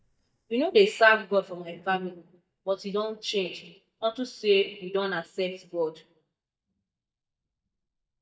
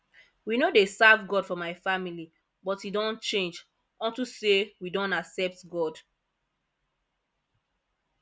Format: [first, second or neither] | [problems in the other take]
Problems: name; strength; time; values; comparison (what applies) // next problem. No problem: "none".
second | noise reduction (neural mask model DeepFilterNet 3)